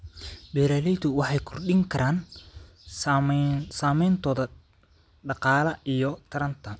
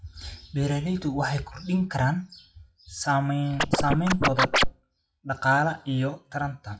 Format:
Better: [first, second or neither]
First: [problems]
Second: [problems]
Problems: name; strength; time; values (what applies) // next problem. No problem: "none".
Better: first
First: none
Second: noise reduction (classical method WPE with log-MMSE)